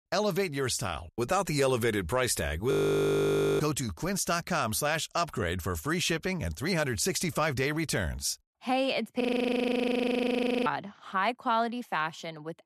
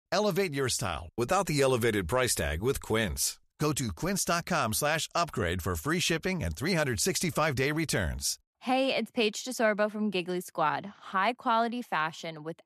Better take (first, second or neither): second